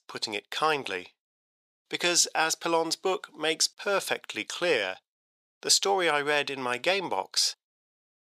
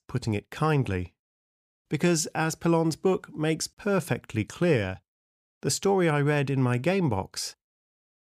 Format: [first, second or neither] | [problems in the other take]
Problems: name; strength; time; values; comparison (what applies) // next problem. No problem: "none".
second | thin; very; fading below 600 Hz